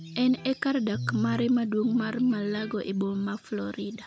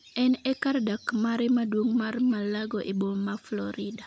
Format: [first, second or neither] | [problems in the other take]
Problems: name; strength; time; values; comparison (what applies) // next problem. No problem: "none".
second | background sound (Electric guitar); 13 dB below the speech